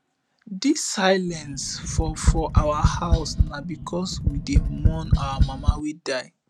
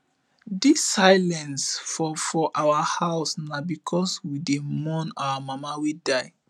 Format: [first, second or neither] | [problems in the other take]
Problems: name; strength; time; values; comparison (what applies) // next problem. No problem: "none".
second | background sound (Tap); 5 dB above the speech